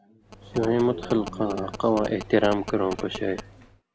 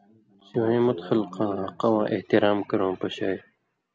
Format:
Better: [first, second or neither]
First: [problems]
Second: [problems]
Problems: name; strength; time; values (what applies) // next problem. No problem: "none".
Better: second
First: background sound (Telephone); 14 dB below the speech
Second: none